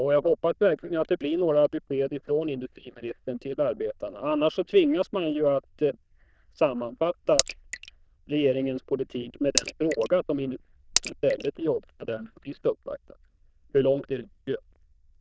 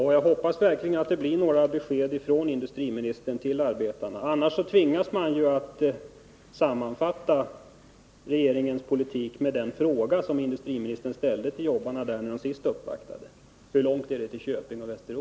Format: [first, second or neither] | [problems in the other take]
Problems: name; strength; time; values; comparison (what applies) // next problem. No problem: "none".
second | noise reduction (neural diffusion model UNIVERSE++)